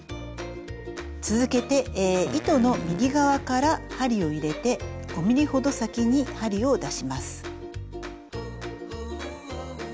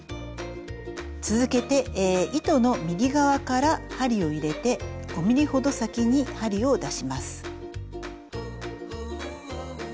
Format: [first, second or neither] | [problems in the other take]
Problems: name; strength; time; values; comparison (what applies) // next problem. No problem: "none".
second | background sound (Fart); 9 dB below the speech